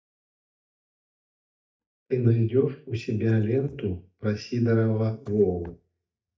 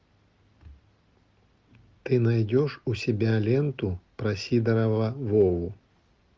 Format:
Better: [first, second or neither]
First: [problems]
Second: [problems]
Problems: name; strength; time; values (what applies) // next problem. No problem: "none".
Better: second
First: noise reduction (neural mask model DeepFilterNet 3)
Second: none